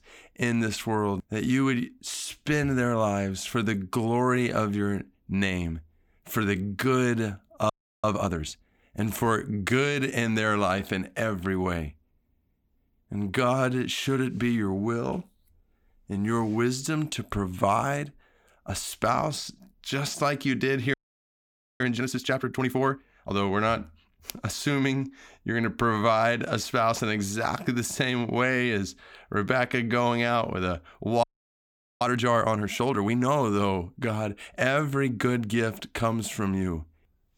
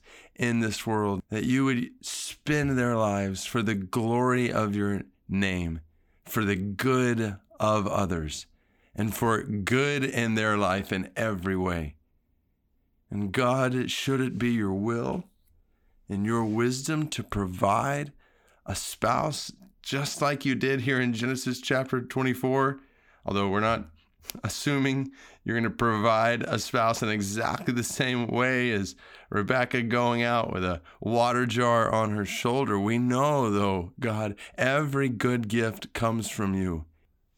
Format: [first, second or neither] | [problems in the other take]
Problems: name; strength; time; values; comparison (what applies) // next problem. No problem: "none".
second | audio freezing; at 7.5 s, at 21 s for 1 s and at 31 s for 1 s